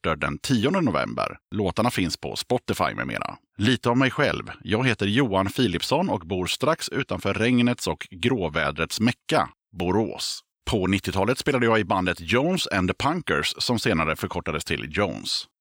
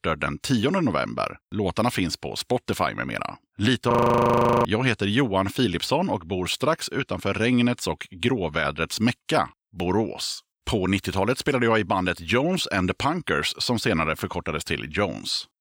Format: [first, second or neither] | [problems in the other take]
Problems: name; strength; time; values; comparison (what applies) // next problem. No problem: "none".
first | audio freezing; at 4 s for 0.5 s